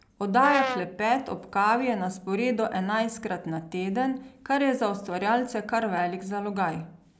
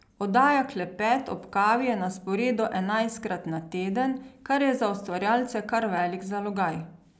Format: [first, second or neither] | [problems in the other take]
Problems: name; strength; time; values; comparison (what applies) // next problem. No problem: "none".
second | background sound (Brass instrument); 3 dB below the speech